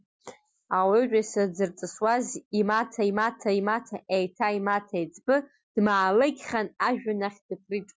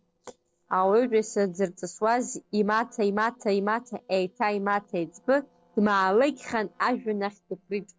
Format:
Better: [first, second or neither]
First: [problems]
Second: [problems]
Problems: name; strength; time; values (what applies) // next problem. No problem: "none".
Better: first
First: none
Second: noise reduction (neural separator model SepFormer DNS4)